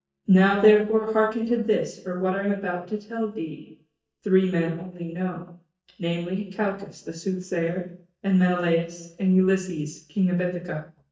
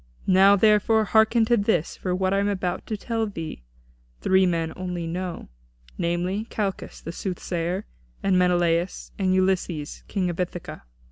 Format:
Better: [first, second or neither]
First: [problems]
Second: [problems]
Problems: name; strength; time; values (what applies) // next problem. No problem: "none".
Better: second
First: noise reduction (neural mask model DeepFilterNet 3)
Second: none